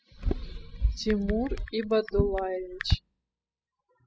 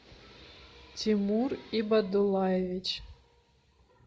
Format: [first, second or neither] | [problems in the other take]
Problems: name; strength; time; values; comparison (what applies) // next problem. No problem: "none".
second | noise reduction (classical method spectral subtraction)